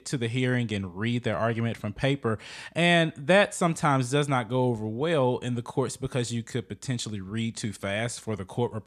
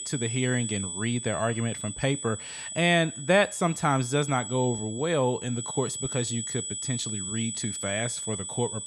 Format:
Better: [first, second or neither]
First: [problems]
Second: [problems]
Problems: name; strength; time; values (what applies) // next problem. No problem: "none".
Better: first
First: none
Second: high-pitched whine; loud; throughout; 8 kHz, 6 dB below the speech